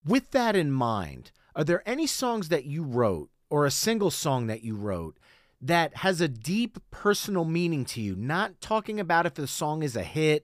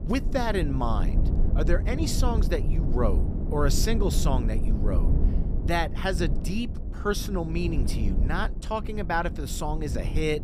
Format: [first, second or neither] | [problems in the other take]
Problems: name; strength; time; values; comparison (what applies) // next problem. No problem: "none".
first | low rumble; loud; throughout; 10 dB below the speech